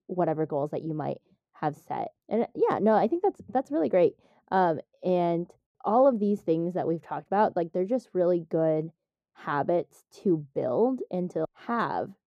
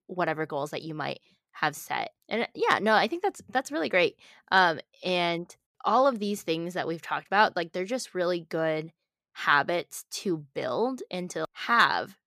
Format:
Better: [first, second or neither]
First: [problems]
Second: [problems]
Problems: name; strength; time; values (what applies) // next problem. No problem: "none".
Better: second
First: muffled; very; fading above 1 kHz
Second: none